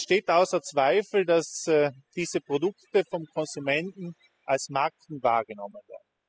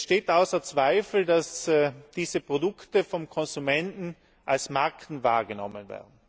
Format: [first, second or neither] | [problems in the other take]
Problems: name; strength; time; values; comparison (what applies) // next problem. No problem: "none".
second | noise reduction (classical method spectral subtraction)